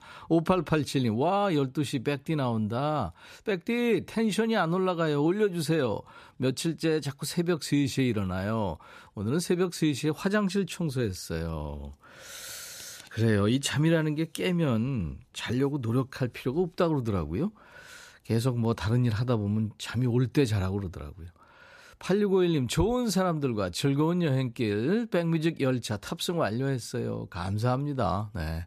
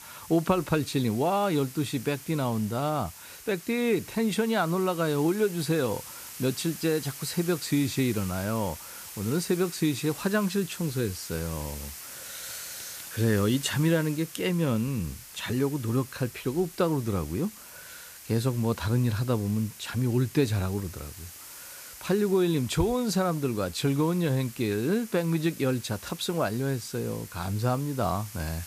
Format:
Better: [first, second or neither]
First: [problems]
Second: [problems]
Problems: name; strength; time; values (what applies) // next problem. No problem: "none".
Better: first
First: none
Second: hiss; noticeable; throughout; 15 dB below the speech